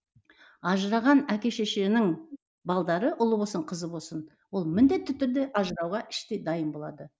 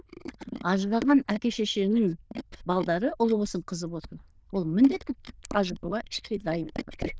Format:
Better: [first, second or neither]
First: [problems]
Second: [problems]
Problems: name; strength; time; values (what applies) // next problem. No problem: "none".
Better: first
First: none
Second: noise reduction (neural diffusion model UNIVERSE++)